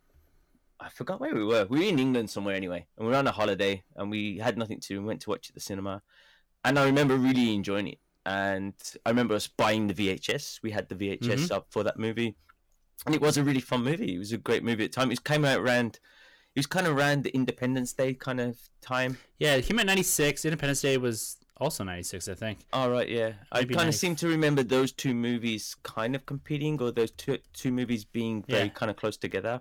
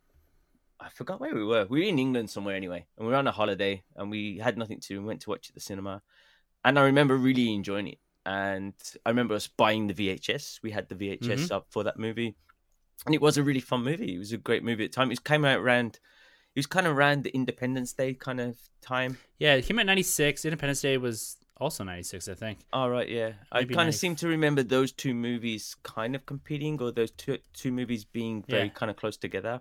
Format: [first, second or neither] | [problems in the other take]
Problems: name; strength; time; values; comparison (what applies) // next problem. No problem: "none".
second | distortion; slight; 4% of the sound clipped